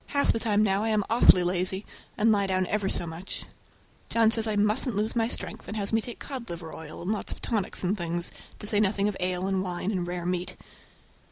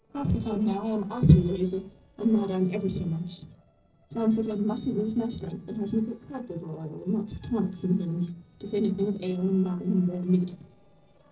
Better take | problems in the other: first | noise reduction (neural separator model SepFormer DNS4)

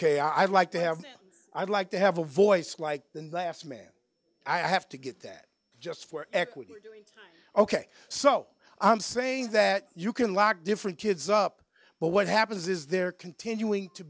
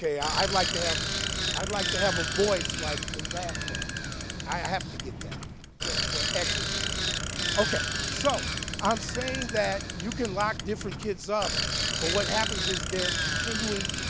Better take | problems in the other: first | background sound (Bicycle); 2 dB above the speech

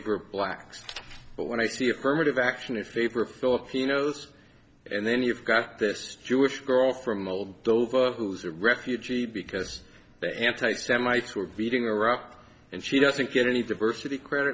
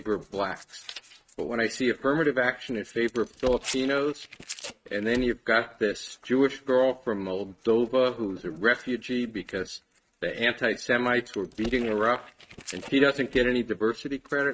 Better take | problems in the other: first | noise reduction (neural mask model RNNoise)

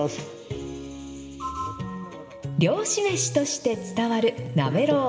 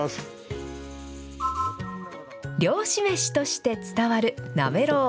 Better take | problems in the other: second | room echo; dies away in 2.6 s

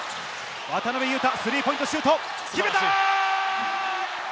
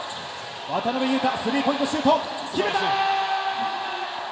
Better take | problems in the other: first | room echo; dies away in 1.6 s

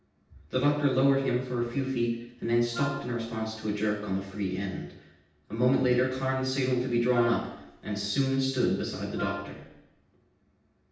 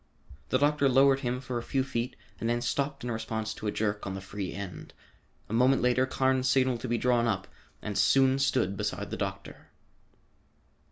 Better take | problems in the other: second | background sound (Wind instrument, woodwind instrument); 12 dB below the speech // room echo; dies away in 0.9 s

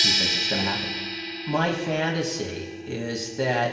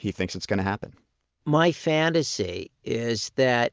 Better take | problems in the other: second | background sound (Crash cymbal); as loud as the speech // room echo; dies away in 1.4 s

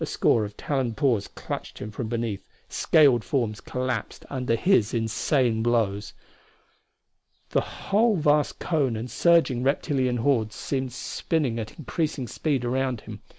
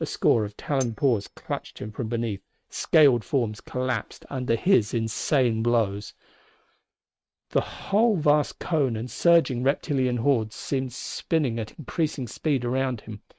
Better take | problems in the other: first | noise reduction (neural mask model RNNoise)

